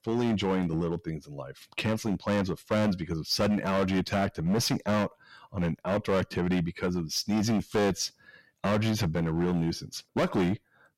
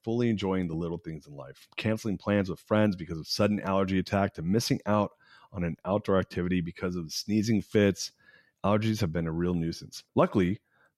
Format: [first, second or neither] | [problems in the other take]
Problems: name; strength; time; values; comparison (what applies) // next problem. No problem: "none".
second | distortion; heavy; 12% of the sound clipped